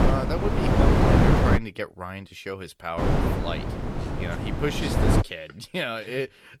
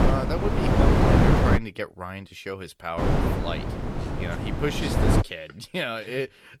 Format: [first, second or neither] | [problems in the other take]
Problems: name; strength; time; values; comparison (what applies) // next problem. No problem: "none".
neither | wind noise on the microphone; heavy; until 1.5 s and from 3 to 5 s; 4 dB above the speech; the same in both